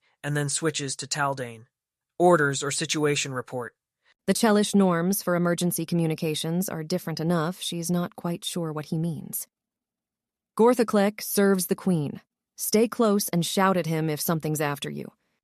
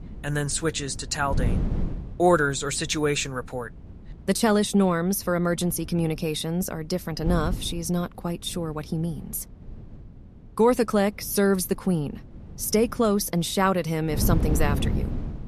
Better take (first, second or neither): first